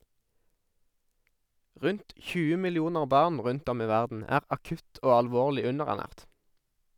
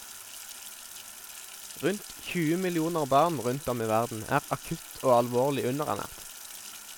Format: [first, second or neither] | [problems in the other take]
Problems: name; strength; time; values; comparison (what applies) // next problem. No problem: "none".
first | background sound (Sink (filling or washing)); 14 dB below the speech